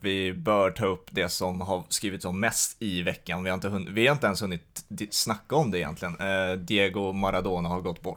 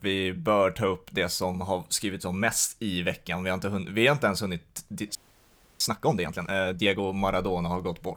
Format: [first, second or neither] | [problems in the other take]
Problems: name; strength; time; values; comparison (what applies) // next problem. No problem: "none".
first | audio freezing; at 5 s for 0.5 s